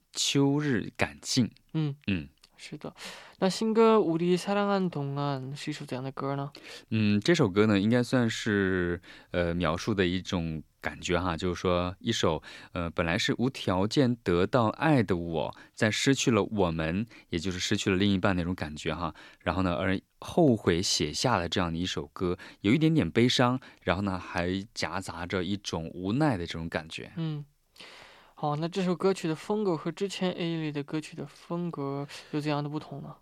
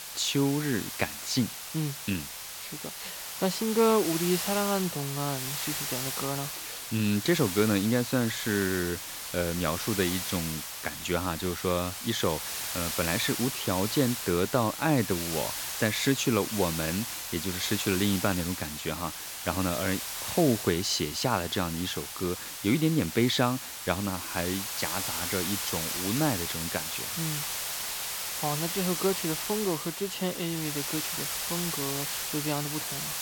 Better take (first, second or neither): first